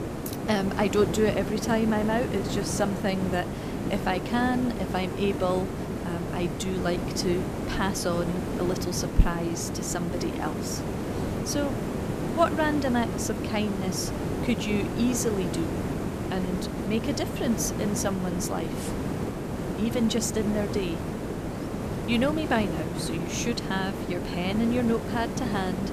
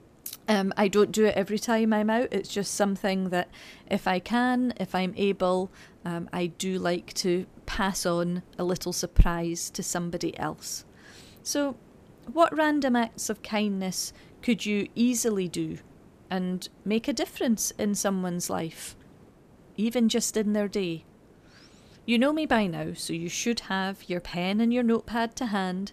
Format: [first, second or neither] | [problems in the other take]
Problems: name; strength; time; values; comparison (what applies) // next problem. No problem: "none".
second | hiss; loud; throughout; 3 dB below the speech; faint in the second